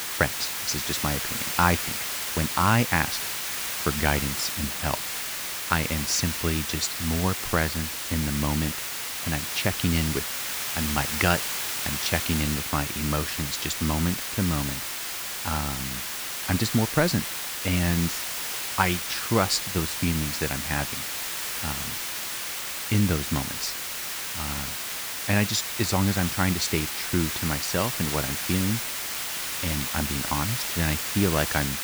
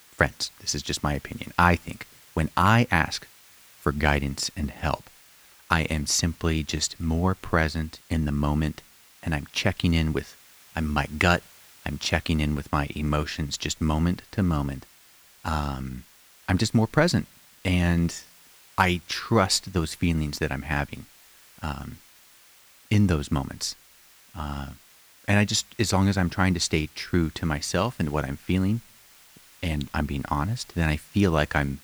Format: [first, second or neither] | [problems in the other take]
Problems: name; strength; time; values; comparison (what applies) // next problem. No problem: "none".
second | hiss; loud; throughout; 1 dB below the speech; faint in the second